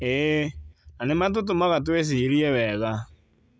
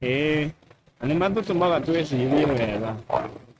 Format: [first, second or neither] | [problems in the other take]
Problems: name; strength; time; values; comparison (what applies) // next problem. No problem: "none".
first | noise reduction (neural mask model RNNoise)